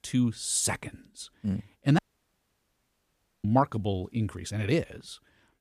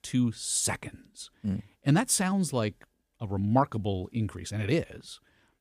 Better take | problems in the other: second | audio cutting out; at 2 s for 1.5 s

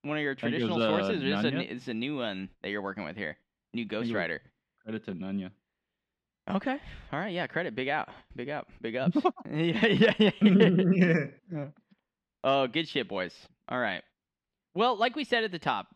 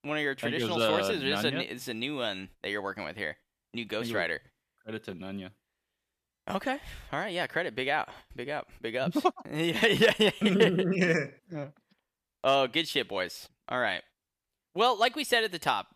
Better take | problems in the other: second | muffled; very slightly; fading above 3.5 kHz

